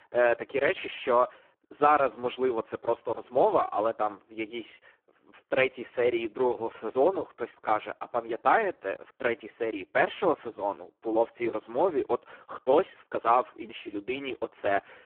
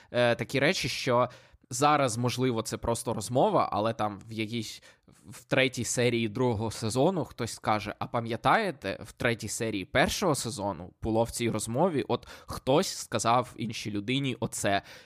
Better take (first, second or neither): second